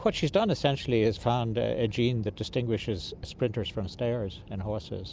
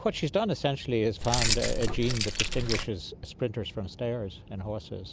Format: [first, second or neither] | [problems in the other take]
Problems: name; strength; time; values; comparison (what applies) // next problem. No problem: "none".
first | background sound (Keys jangling); 1 dB above the speech